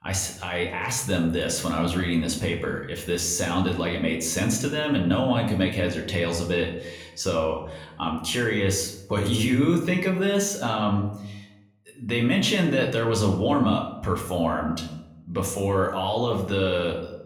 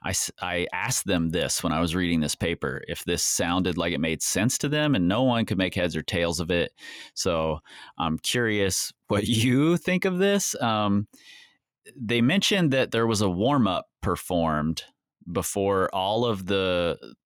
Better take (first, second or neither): second